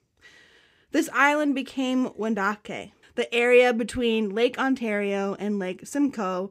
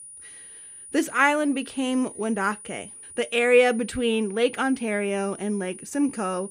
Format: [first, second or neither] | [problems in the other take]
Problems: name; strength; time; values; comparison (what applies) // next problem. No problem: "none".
first | high-pitched whine; noticeable; throughout; 9.5 kHz, 15 dB below the speech